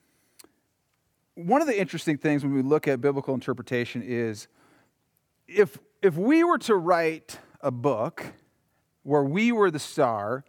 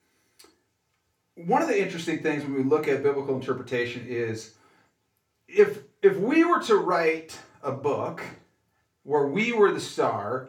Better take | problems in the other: first | room echo; slight; dies away in 0.3 s // off-mic speech; somewhat distant

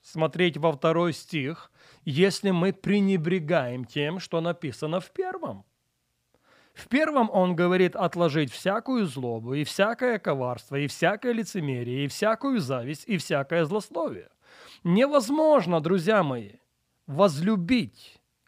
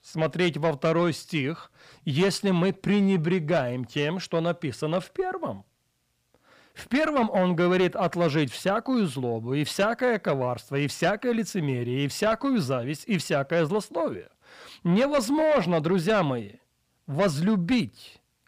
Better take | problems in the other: first | distortion; slight; 10 dB below the speech

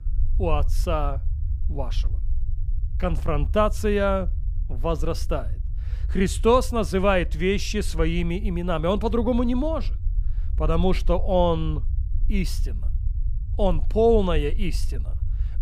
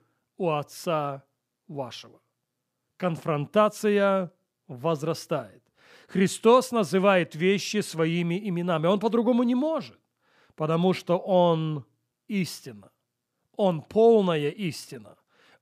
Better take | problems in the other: second | low rumble; faint; throughout; 25 dB below the speech

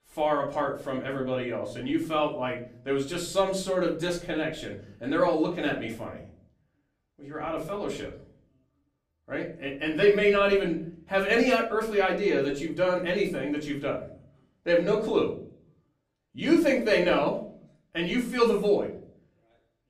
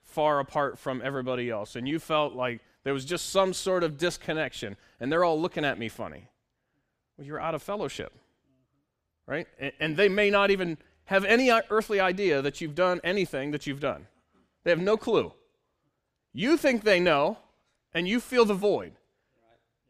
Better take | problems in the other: second | off-mic speech; far // room echo; slight; dies away in 0.5 s

